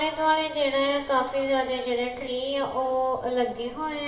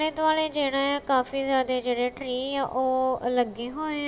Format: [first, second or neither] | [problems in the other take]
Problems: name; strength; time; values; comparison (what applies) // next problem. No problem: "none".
second | room echo; dies away in 2.9 s